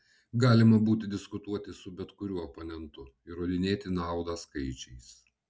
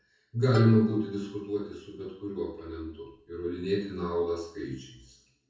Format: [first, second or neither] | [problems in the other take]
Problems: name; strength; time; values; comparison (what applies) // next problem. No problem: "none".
first | background sound (Plucked string instrument); 13 dB below the speech // room echo; dies away in 0.6 s